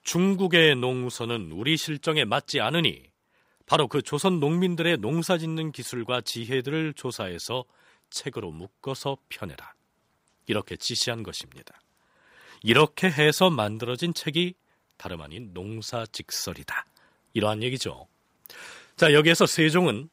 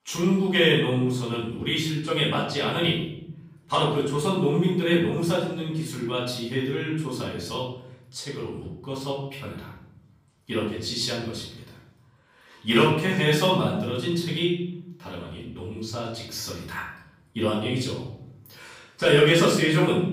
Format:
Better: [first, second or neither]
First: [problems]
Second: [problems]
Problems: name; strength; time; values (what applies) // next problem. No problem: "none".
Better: first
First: none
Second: room echo; noticeable; dies away in 0.9 s // off-mic speech; far